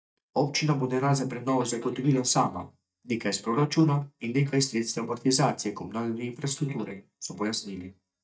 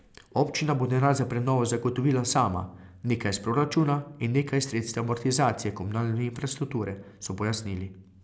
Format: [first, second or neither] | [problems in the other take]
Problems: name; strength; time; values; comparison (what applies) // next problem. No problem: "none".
second | noise reduction (neural mask model DeepFilterNet 3)